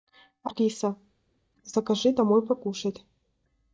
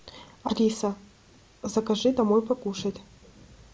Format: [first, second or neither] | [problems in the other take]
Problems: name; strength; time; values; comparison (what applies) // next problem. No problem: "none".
second | noise reduction (neural mask model DeepFilterNet 3)